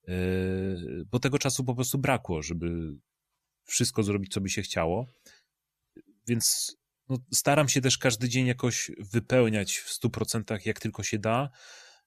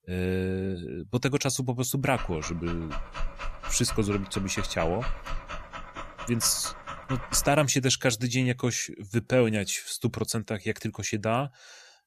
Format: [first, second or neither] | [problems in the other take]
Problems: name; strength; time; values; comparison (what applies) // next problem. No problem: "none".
first | dog barking; noticeable; from 2 to 7.5 s; peak 9 dB below the speech